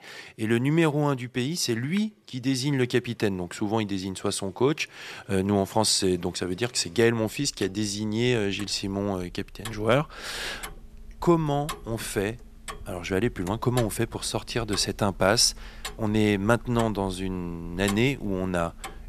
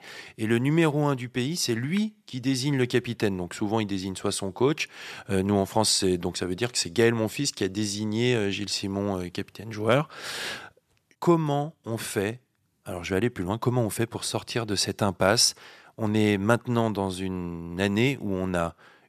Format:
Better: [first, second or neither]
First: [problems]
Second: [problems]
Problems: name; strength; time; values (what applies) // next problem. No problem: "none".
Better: second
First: household noises; noticeable; throughout; 15 dB below the speech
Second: none